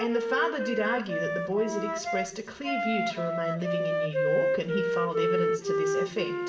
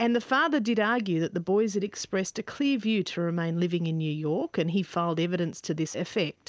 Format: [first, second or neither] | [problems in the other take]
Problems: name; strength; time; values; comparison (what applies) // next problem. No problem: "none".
second | background sound (Wind instrument, woodwind instrument); 2 dB above the speech // room echo; dies away in 0.7 s